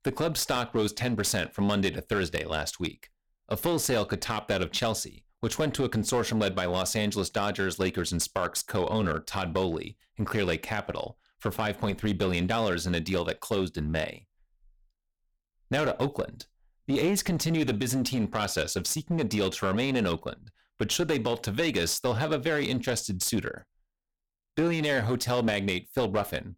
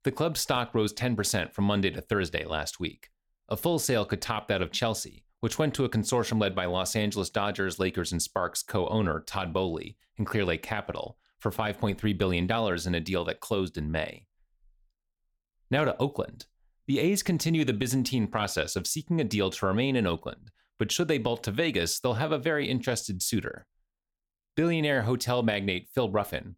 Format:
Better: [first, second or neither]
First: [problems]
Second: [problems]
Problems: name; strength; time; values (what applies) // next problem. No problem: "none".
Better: second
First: distortion; slight; 8% of the sound clipped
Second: none